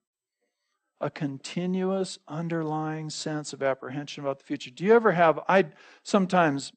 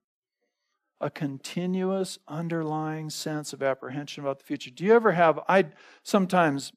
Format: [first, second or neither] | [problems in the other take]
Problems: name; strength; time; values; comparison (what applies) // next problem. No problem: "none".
second | garbled, watery; slightly; nothing above 8.5 kHz